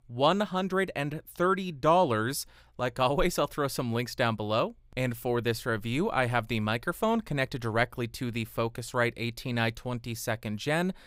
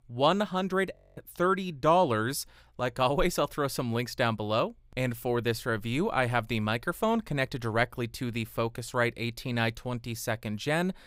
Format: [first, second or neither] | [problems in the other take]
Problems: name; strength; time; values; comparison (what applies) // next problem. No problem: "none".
first | audio freezing; at 1 s